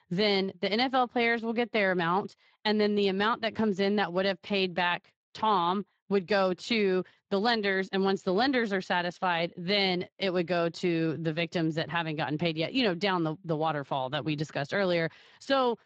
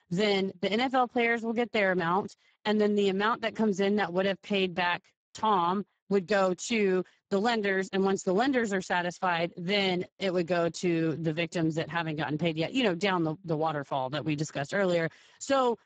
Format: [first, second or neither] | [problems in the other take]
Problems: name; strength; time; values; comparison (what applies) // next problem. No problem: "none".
first | garbled, watery; badly; nothing above 7.5 kHz; slightly in the first